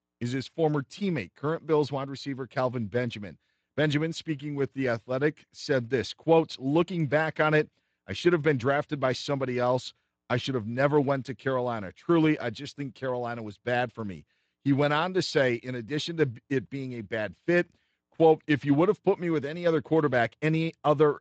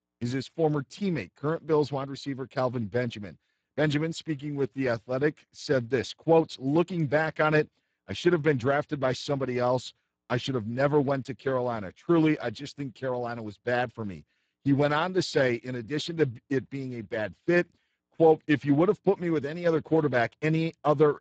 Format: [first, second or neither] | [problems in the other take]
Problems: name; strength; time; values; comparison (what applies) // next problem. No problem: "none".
first | garbled, watery; badly; nothing above 7.5 kHz; slightly in the first